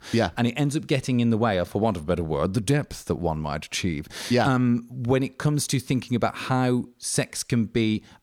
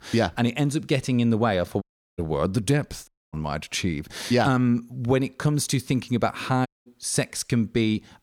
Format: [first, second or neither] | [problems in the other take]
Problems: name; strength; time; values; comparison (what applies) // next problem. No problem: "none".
first | audio cutting out; at 2 s, at 3 s and at 6.5 s